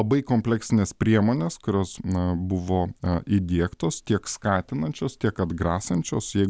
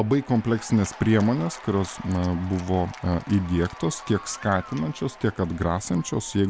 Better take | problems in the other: first | background sound (Applause / Cheering); 18 dB below the speech

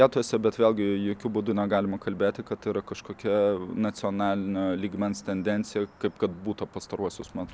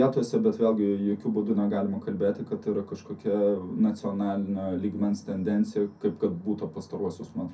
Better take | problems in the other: first | room echo; dies away in 0.3 s

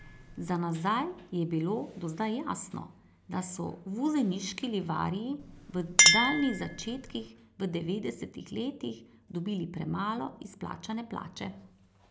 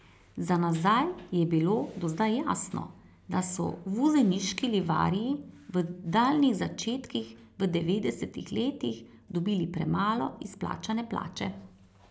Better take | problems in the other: second | background sound (Chink, clink); 1 dB below the speech

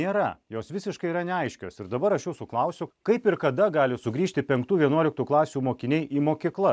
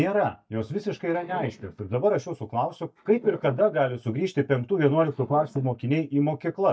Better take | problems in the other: first | noise reduction (neural mask model DeepFilterNet 3)

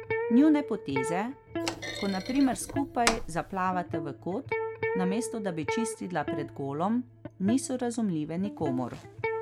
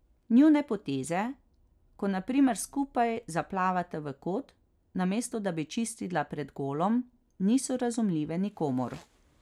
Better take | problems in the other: second | background sound (Thump, thud + Electric guitar); 5 dB below the speech

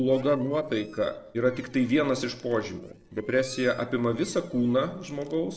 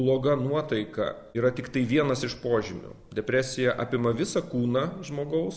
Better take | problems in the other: second | noise reduction (neural separator model SepFormer DNS4)

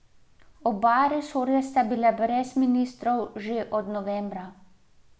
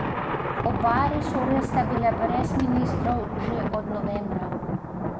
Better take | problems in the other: first | background sound (Thunder); as loud as the speech

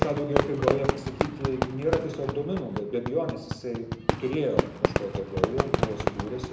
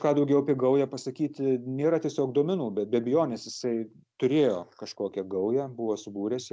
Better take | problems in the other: second | background sound (Fireworks); 1 dB above the speech // room echo; dies away in 0.8 s

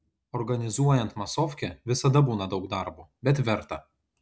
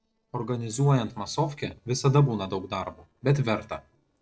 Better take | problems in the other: first | noise reduction (neural separator model SepFormer DNS4)

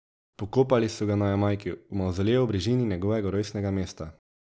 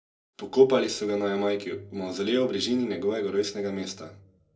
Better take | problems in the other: first | room echo; dies away in 0.2 s

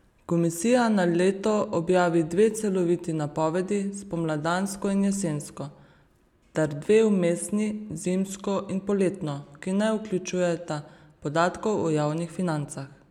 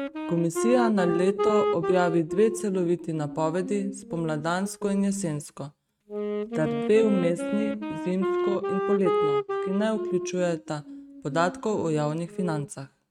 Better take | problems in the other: first | noise reduction (neural mask model RNNoise)

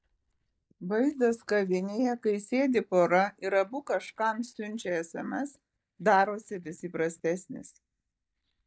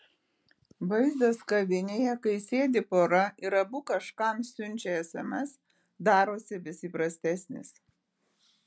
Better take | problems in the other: second | noise reduction (neural mask model DeepFilterNet 3)

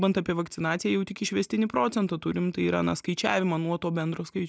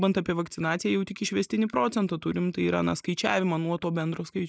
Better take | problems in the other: first | noise reduction (neural mask model Resemble Enhance denoiser)

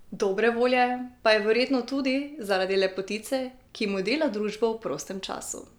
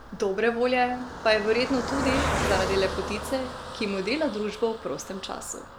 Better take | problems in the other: first | background sound (Car passing by); 5 dB below the speech

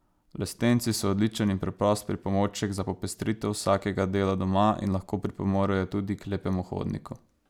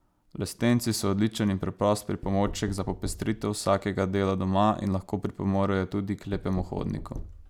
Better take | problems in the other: first | background sound (Knock); 16 dB below the speech

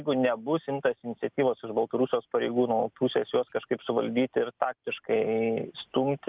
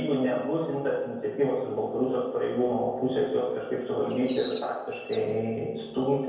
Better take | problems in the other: first | background sound (Bird); 19 dB below the speech // room echo; dies away in 1.2 s

